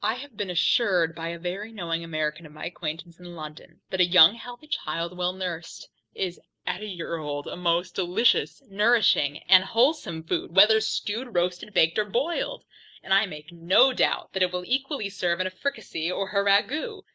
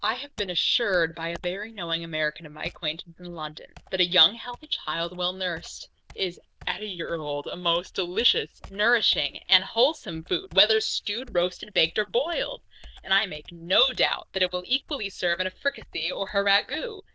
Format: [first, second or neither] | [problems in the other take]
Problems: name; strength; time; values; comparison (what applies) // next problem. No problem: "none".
first | noise reduction (neural diffusion model UNIVERSE++)